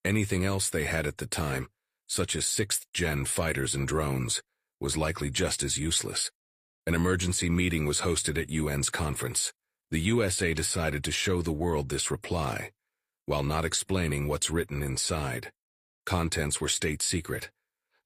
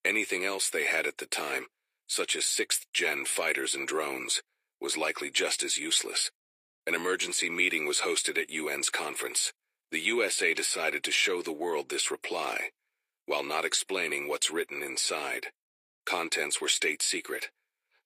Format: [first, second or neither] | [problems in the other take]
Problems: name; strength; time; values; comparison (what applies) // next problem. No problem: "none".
first | thin; very; fading below 350 Hz